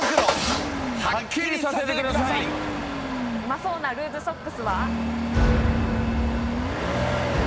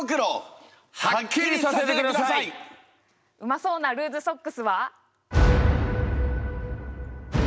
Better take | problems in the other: second | background sound (Engine starting / Accelerating, revving, vroom / Motor vehicle (road)); as loud as the speech

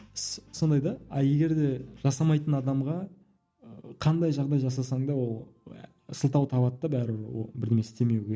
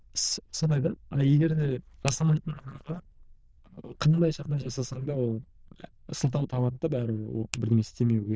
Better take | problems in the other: first | noise reduction (neural diffusion model UNIVERSE++)

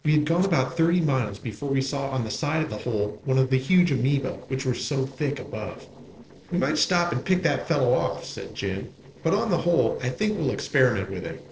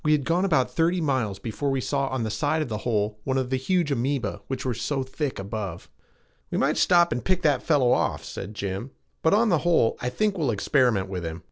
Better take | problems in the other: second | noise reduction (neural separator model SepFormer DNS4)

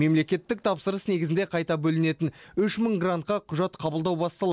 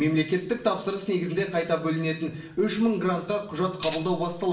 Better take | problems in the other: first | background sound (Tambourine); 13 dB below the speech // room echo; dies away in 0.9 s

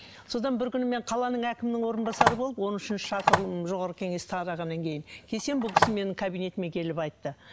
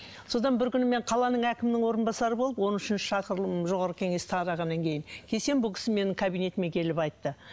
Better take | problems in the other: second | background sound (Telephone); 1 dB above the speech

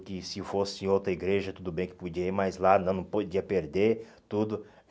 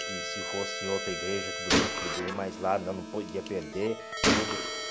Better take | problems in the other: first | background sound (Keyboard (musical) + Gunshot, gunfire); 3 dB above the speech

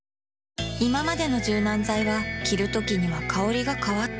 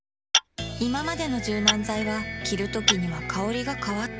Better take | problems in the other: first | background sound (Tap / Glass); 1 dB below the speech

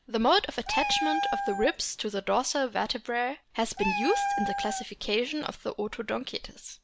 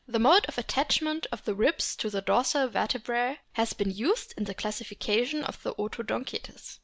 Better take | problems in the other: second | background sound (Meow); 4 dB below the speech

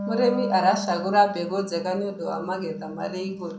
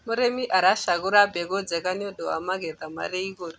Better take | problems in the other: second | background sound (Wind instrument, woodwind instrument); 8 dB below the speech // room echo; dies away in 0.5 s

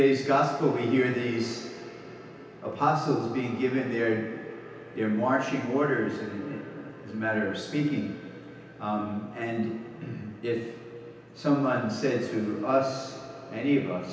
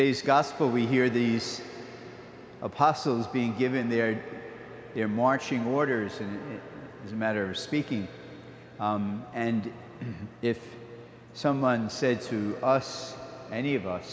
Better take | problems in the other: second | room echo; dies away in 0.9 s

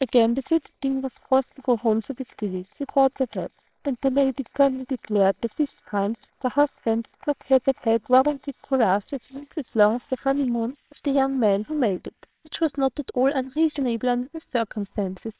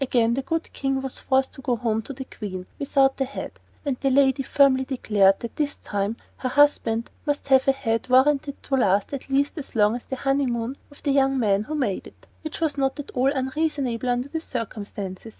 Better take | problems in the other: second | noise reduction (neural separator model SepFormer WHAMR!)

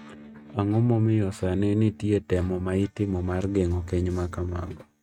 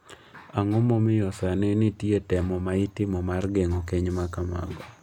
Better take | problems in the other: second | noise reduction (neural mask model RNNoise)

